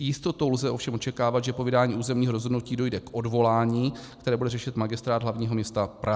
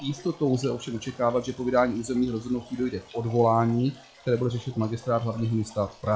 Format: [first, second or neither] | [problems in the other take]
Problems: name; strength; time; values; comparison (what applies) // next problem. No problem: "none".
first | noise reduction (classical method log-MMSE)